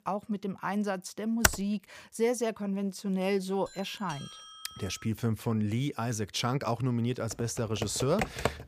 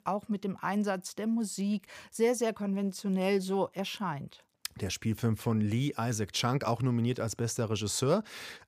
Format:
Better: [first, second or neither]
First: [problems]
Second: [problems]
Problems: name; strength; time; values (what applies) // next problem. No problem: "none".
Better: second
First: keyboard typing; very faint; at 1.5 s; peak 5 dB above the speech // doorbell; faint; from 3.5 to 5 s; peak 15 dB below the speech // keyboard typing; noticeable; from 7.5 s on; peak 1 dB below the speech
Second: none